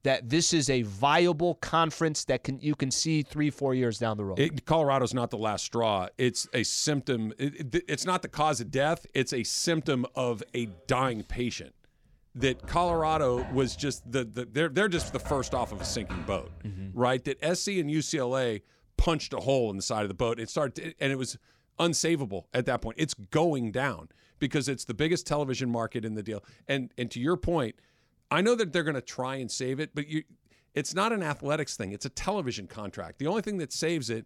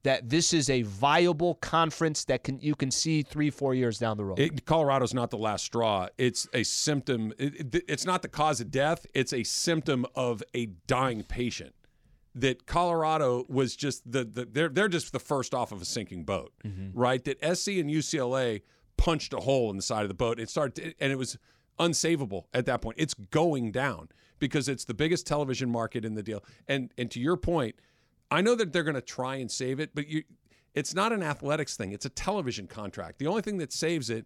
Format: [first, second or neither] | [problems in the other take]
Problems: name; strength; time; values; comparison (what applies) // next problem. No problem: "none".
second | door banging; faint; from 12 to 17 s; peak 10 dB below the speech